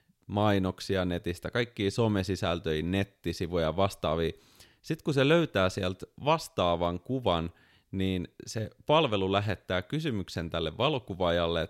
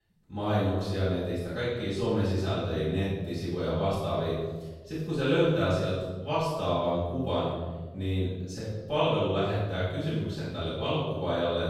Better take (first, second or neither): first